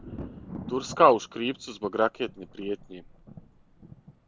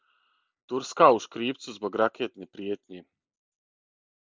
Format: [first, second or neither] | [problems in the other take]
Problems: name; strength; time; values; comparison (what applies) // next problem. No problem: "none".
second | background sound (Thunder); 16 dB below the speech